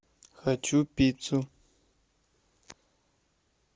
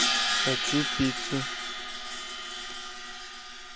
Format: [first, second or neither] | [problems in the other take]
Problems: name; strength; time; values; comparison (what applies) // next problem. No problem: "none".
first | background sound (Crash cymbal); 4 dB above the speech